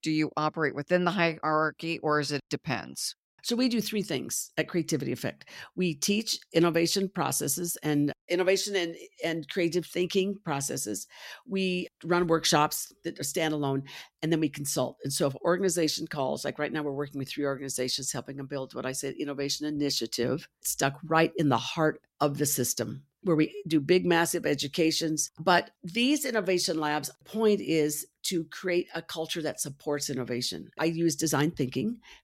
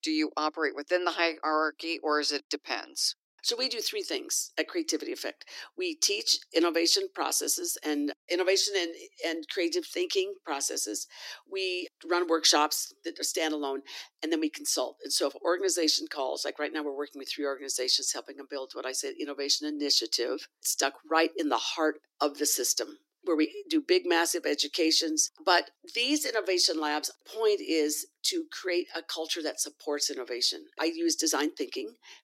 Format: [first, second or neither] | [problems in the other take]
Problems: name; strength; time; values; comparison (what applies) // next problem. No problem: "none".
first | thin; somewhat; fading below 300 Hz